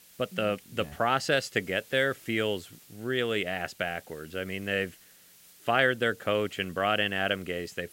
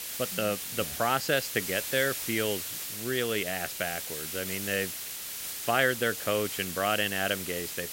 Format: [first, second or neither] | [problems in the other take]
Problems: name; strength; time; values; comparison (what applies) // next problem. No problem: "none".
first | hiss; loud; throughout; 4 dB below the speech; faint in the first